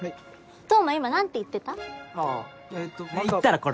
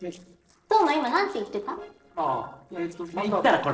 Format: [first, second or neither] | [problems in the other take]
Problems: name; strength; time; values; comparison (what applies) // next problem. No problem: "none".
first | noise reduction (neural separator model SepFormer DNS4)